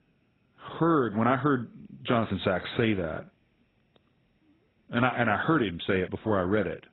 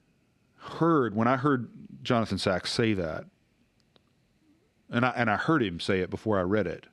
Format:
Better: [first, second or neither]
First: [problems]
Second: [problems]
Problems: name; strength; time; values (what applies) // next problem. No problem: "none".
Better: second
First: garbled, watery; badly; nothing above 4 kHz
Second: none